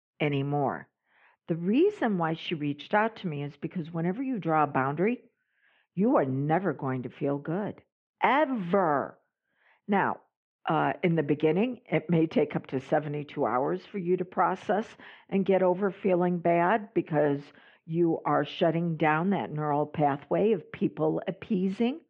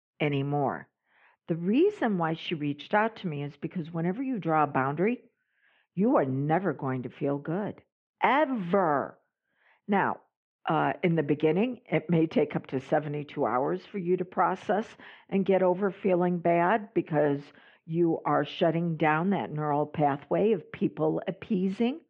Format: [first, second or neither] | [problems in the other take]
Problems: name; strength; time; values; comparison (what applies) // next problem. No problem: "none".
neither | muffled; very; fading above 3 kHz; the same in both